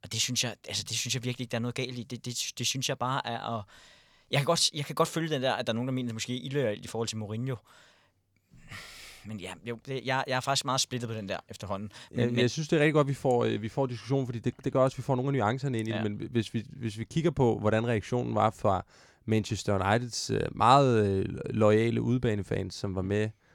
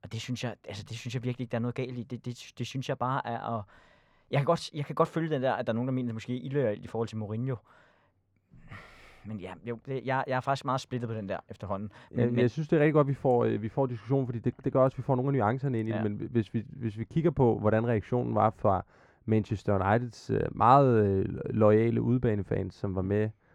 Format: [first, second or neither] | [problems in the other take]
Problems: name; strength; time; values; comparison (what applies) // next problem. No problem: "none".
first | muffled; very; fading above 2.5 kHz